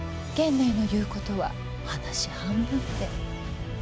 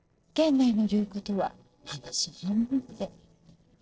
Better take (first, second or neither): first